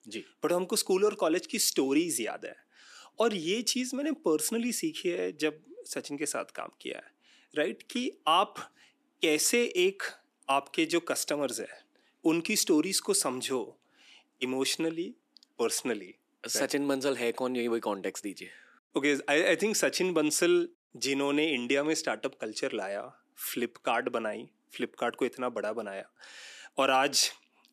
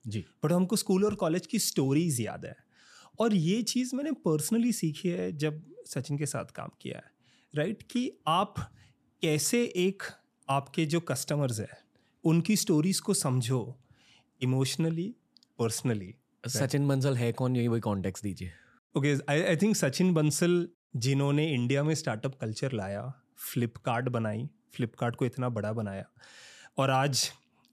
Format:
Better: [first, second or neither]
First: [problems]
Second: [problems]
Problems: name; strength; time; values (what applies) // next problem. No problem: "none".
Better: second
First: thin; somewhat; fading below 300 Hz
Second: none